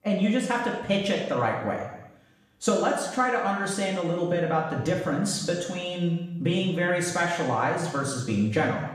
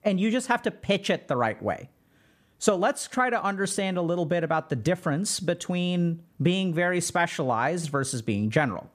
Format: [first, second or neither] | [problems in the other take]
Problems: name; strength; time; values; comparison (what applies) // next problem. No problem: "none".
second | room echo; noticeable; dies away in 0.9 s // off-mic speech; far